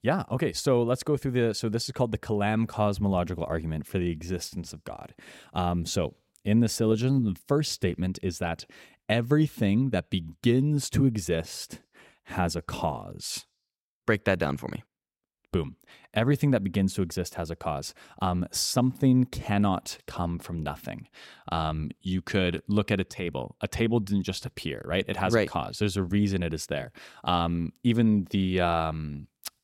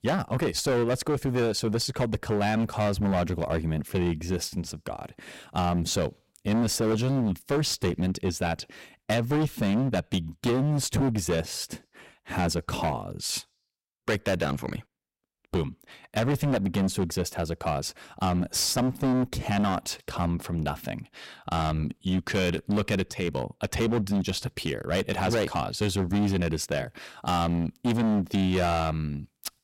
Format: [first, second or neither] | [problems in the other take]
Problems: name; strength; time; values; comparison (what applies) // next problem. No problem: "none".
first | distortion; heavy; 16% of the sound clipped